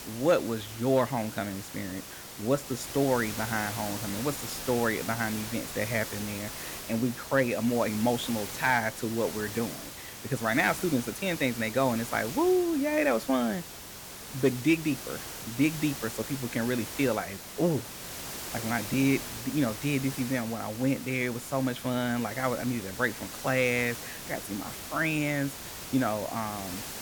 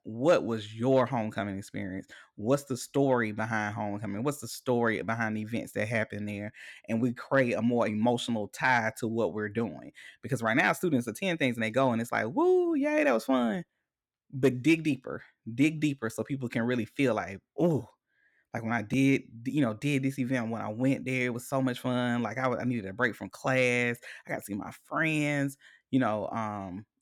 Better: second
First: hiss; loud; throughout; 9 dB below the speech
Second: none

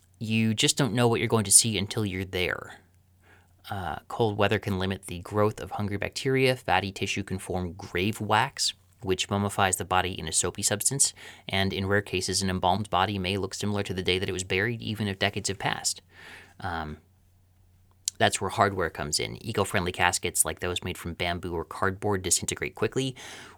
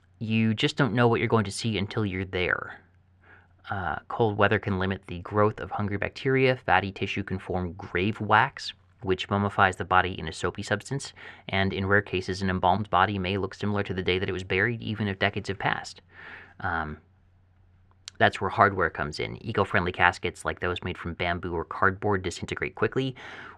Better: first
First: none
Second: muffled; very; fading above 2.5 kHz

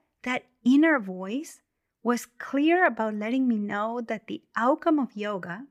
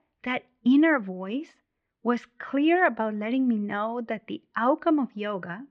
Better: first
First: none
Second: muffled; slightly; fading above 4 kHz

